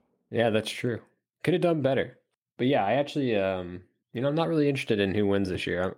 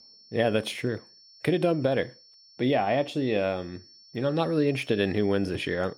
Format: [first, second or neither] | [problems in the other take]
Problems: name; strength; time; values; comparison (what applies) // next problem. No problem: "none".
first | high-pitched whine; faint; throughout; 5.5 kHz, 25 dB below the speech